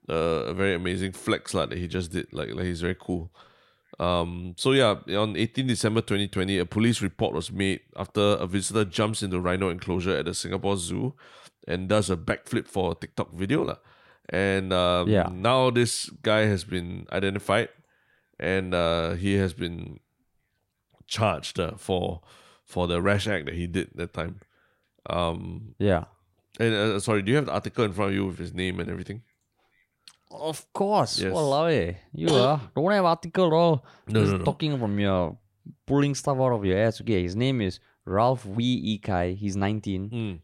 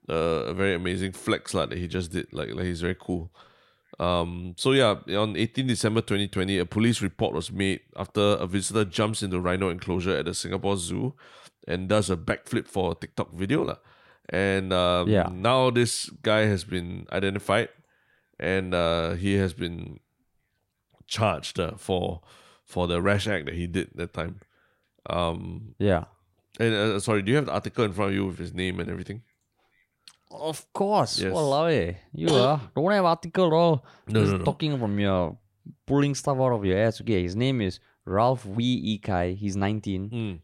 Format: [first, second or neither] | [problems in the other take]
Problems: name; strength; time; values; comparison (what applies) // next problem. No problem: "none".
neither | none